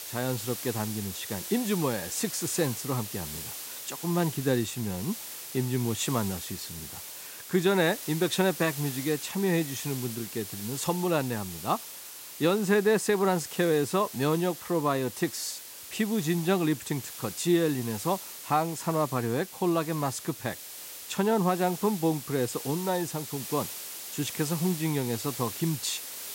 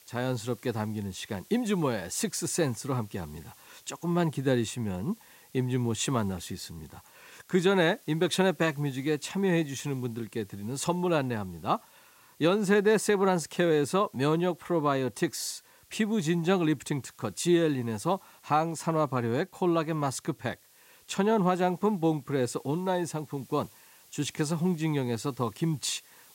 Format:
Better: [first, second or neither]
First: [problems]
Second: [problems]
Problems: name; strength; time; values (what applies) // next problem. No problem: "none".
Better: second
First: hiss; loud; throughout; 9 dB below the speech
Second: hiss; faint; throughout; 25 dB below the speech